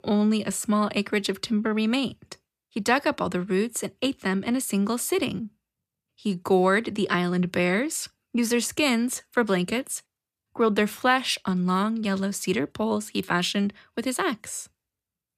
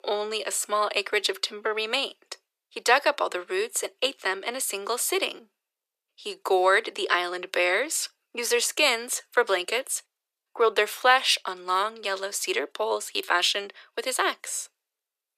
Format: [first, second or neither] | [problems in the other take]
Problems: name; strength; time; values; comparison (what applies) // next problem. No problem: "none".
first | thin; very; fading below 400 Hz